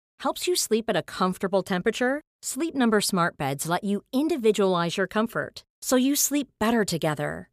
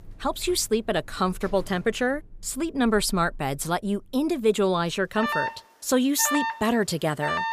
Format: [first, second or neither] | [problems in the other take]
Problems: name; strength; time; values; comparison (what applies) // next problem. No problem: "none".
first | alarms or sirens; loud; throughout; 5 dB below the speech